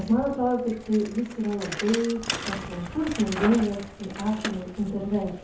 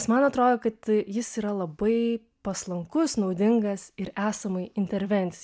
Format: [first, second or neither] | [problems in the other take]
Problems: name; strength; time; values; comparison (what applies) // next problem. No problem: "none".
second | background sound (Bicycle); 10 dB below the speech // room echo; dies away in 0.5 s